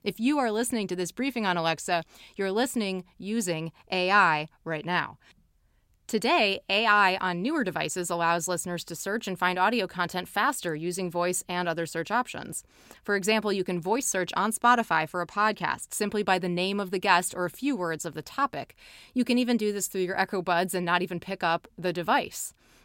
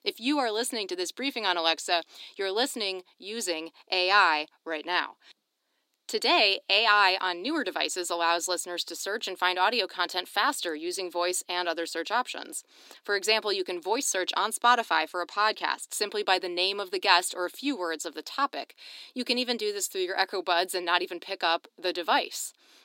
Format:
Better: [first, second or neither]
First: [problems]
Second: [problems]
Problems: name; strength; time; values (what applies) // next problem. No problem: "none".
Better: first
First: none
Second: thin; somewhat; fading below 300 Hz